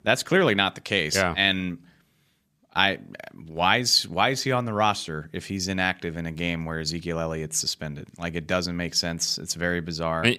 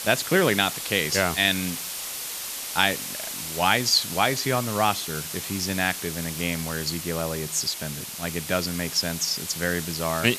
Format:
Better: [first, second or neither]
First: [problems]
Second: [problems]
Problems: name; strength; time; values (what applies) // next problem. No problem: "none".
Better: first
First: none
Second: hiss; loud; throughout; 6 dB below the speech